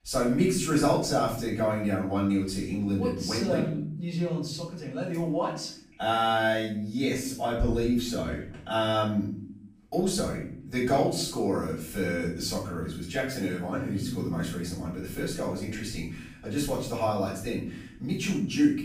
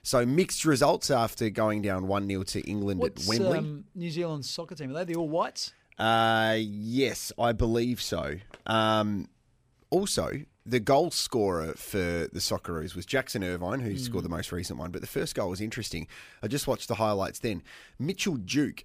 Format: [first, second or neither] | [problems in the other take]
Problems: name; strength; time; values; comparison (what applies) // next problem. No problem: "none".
second | off-mic speech; far // room echo; noticeable; dies away in 0.6 s